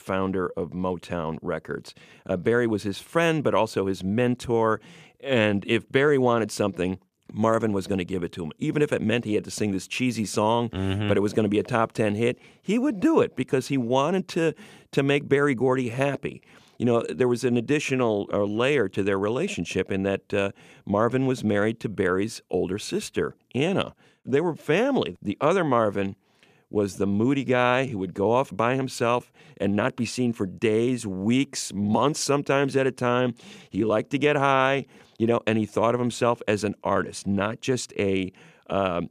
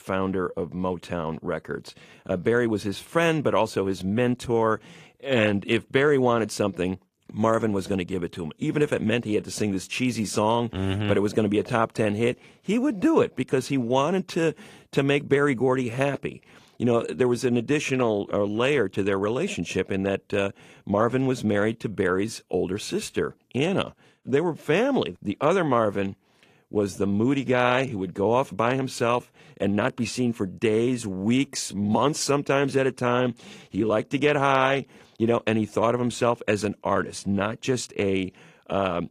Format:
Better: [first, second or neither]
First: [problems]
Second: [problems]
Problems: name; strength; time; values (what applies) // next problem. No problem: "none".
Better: first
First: none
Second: garbled, watery; slightly; nothing above 14.5 kHz